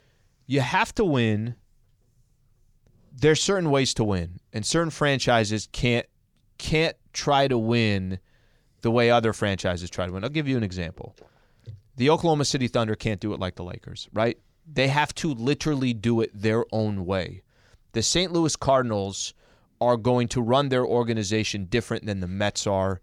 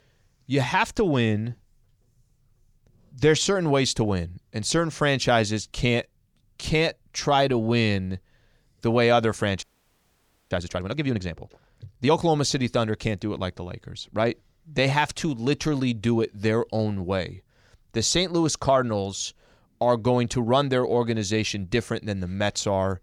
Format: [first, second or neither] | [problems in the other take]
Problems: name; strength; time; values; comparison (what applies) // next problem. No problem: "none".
first | audio freezing; at 9.5 s for 1 s